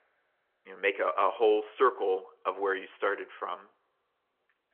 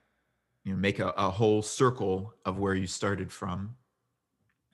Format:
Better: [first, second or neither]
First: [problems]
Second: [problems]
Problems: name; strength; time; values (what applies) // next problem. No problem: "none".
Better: second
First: phone-call audio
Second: none